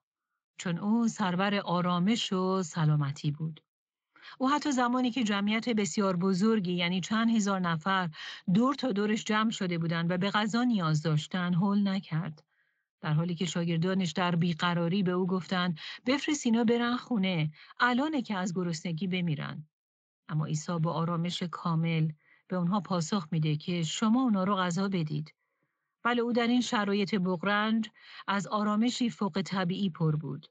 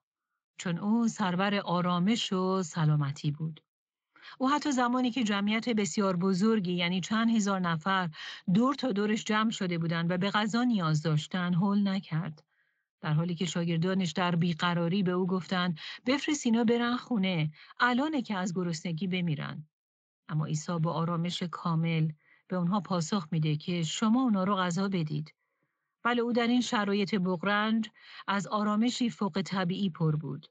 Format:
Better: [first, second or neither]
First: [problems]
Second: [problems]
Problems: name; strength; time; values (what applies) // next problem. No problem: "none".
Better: neither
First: garbled, watery; slightly; nothing above 7.5 kHz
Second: garbled, watery; slightly; nothing above 7.5 kHz